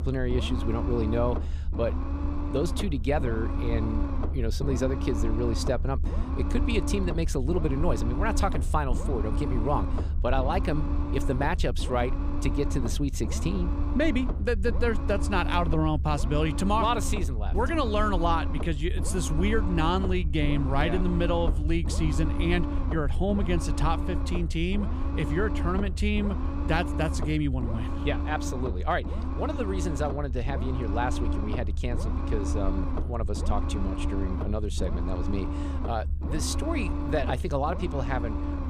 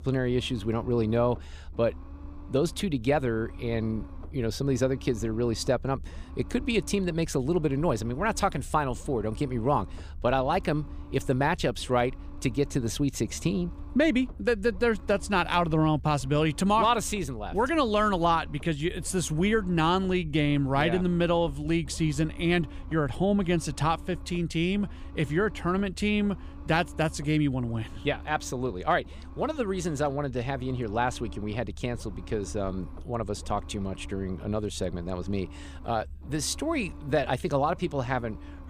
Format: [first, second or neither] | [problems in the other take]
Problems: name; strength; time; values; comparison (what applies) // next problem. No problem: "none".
second | low rumble; loud; throughout; 8 dB below the speech; faint in the second